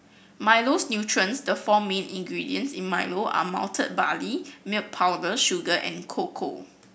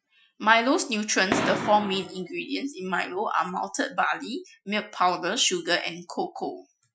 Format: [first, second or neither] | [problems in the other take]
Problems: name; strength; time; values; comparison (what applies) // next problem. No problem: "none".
first | noise reduction (classical method Wiener filter)